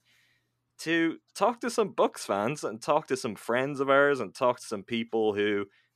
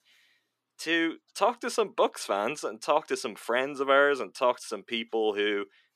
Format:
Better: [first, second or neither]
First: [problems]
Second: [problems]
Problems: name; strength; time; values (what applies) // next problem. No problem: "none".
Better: first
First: none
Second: thin; very slightly; fading below 300 Hz